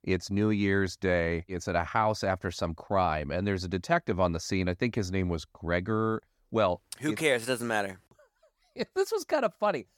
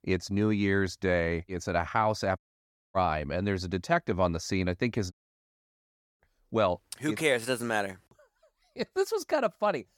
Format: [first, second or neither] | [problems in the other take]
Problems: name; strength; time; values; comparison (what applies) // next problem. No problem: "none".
first | audio cutting out; at 2.5 s for 0.5 s and at 5 s for 1 s